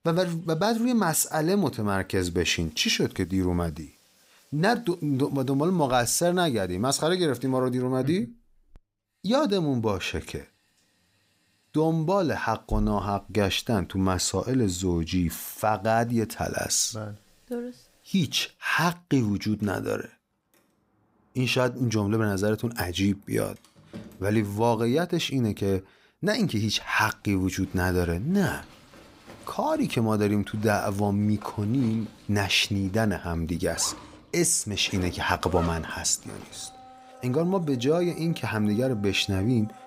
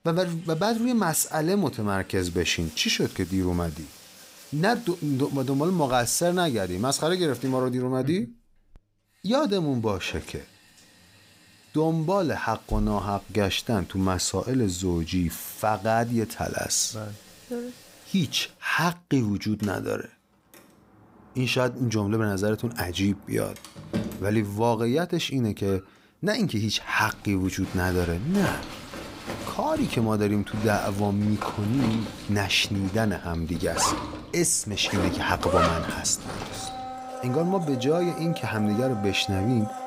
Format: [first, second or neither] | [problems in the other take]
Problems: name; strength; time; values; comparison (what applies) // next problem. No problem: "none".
first | household noises; loud; throughout; 10 dB below the speech; faint in the first